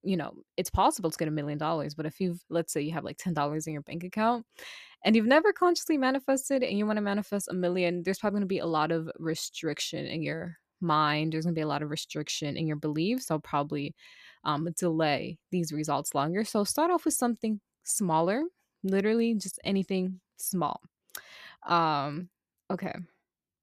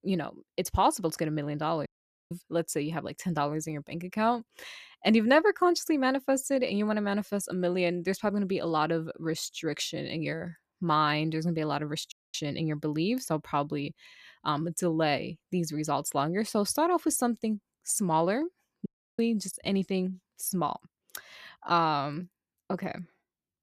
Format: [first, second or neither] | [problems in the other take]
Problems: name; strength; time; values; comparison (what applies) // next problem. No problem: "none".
first | audio cutting out; at 2 s, at 12 s and at 19 s